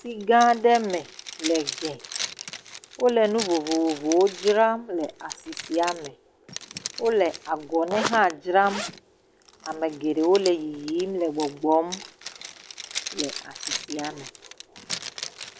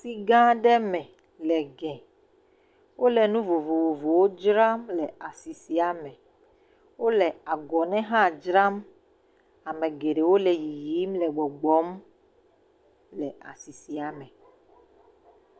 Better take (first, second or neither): second